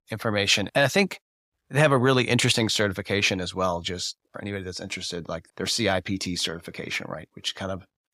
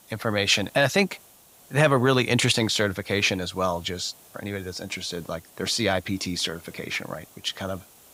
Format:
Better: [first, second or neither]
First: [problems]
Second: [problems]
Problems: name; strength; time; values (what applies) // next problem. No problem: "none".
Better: first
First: none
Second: hiss; faint; throughout; 25 dB below the speech